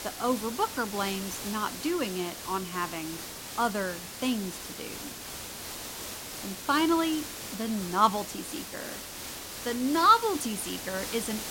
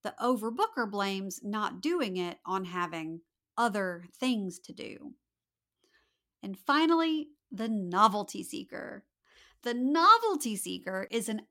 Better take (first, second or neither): second